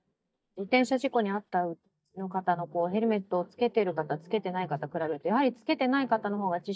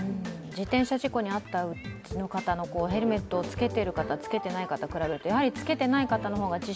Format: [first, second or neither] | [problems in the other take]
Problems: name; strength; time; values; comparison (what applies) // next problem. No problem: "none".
second | noise reduction (neural mask model DeepFilterNet 3)